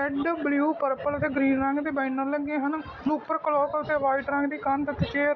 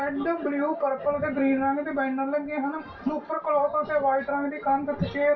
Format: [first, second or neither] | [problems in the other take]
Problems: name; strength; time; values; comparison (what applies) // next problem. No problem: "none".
first | room echo; dies away in 0.2 s